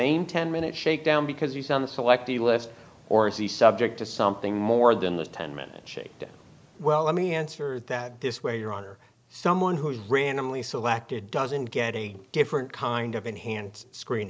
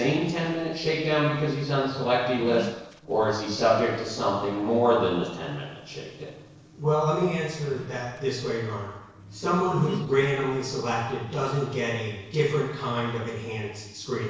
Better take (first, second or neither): first